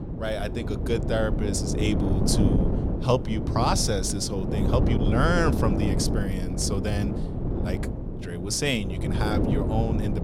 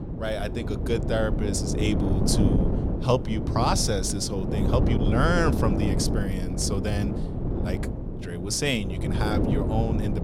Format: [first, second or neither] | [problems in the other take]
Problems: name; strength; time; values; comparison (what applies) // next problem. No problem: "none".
neither | wind noise on the microphone; heavy; 5 dB below the speech; the same in both